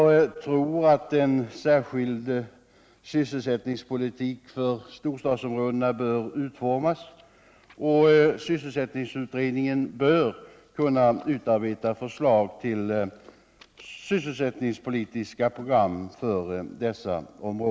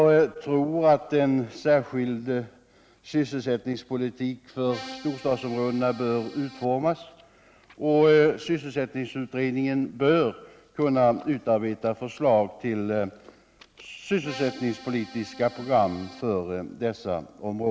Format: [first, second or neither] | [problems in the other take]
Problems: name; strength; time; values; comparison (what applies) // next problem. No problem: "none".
first | background sound (Accordion); 17 dB below the speech